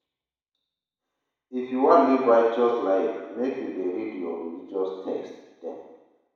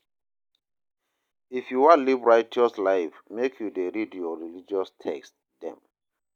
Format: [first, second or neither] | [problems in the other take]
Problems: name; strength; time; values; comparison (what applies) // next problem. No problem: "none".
second | room echo; dies away in 1.1 s